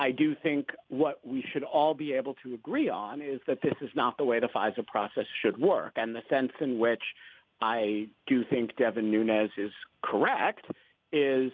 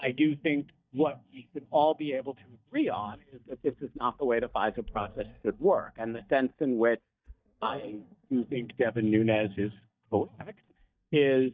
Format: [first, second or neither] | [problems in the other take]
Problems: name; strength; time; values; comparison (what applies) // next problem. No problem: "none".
first | noise reduction (neural mask model DeepFilterNet 3)